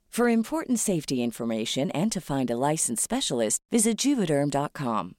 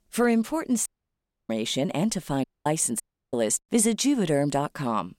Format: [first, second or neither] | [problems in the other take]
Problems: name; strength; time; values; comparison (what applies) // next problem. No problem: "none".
first | audio cutting out; at 1 s for 0.5 s, at 2.5 s and at 3 s